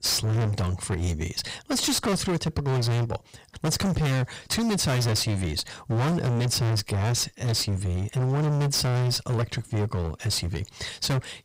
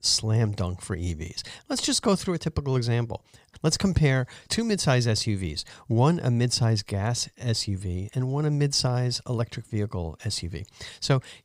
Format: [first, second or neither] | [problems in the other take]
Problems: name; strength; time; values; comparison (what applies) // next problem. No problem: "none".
second | distortion; heavy; 30% of the sound clipped